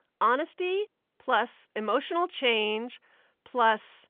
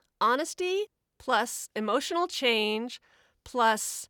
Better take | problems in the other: second | phone-call audio; nothing above 3.5 kHz

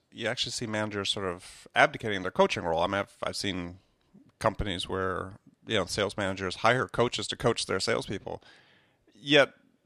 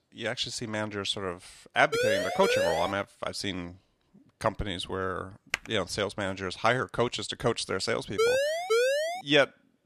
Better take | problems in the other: first | siren; loud; from 2 to 3 s and from 8 to 9 s; peak 4 dB above the speech // keyboard typing; very faint; at 5.5 s; peak 5 dB below the speech

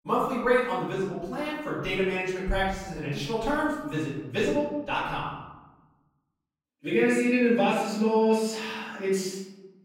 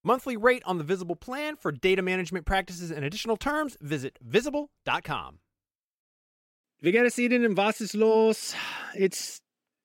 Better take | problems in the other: second | off-mic speech; far // room echo; noticeable; dies away in 1 s

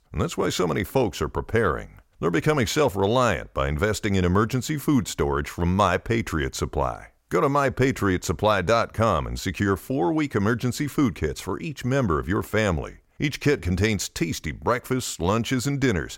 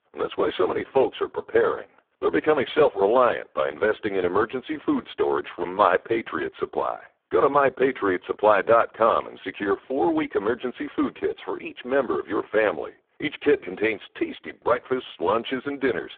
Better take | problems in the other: first | phone-call audio; poor line

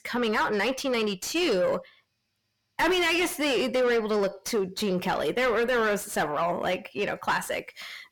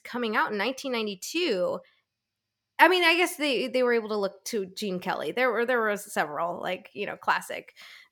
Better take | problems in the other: second | distortion; heavy; 5 dB below the speech

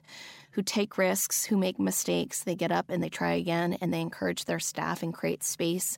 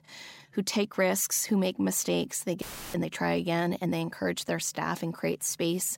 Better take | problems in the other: first | audio cutting out; filled with static; at 2.5 s

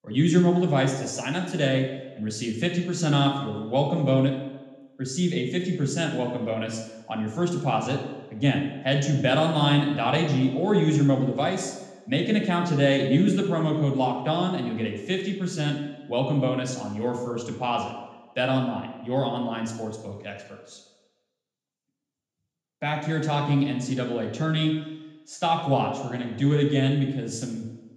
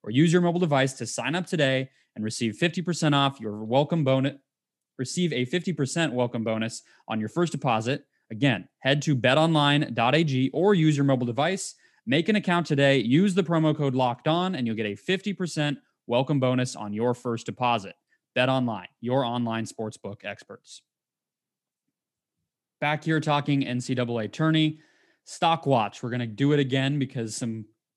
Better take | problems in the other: second | room echo; noticeable; dies away in 0.9 s // off-mic speech; somewhat distant

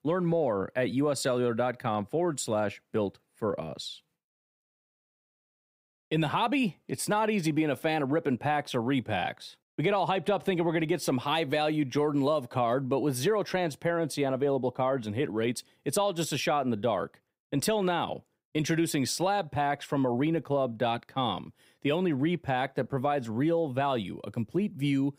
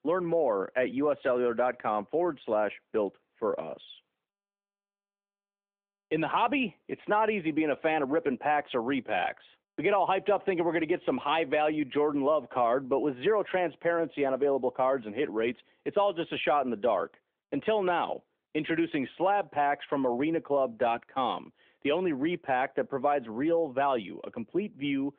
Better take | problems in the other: first | phone-call audio; nothing above 3.5 kHz

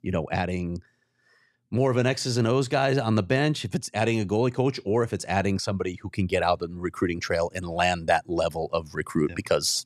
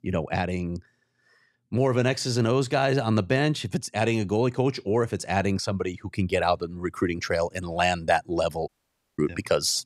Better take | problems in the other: first | audio cutting out; at 8.5 s for 0.5 s

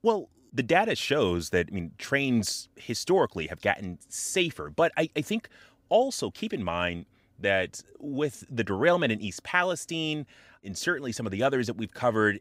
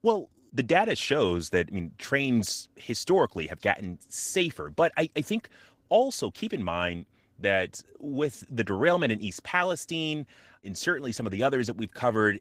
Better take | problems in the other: first | garbled, watery; slightly; nothing above 15.5 kHz

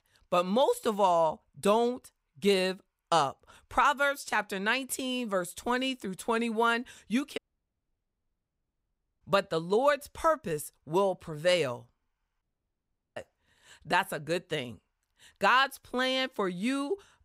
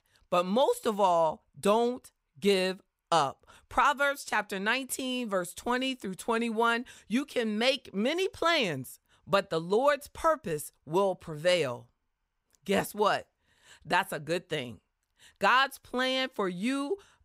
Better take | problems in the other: second | audio cutting out; at 7.5 s for 2 s and at 12 s for 0.5 s

